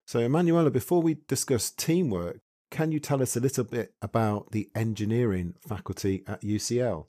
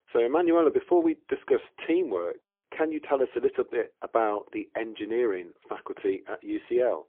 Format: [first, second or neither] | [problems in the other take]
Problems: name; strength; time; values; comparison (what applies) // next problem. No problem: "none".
first | phone-call audio; poor line; nothing above 3.5 kHz